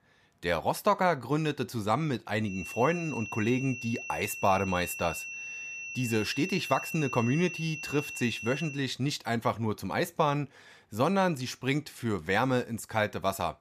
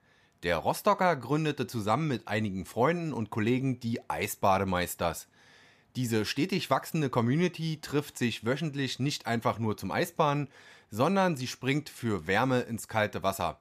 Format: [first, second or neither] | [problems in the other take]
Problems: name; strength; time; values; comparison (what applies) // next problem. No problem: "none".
second | high-pitched whine; loud; from 2.5 to 9 s; 2.5 kHz, 8 dB below the speech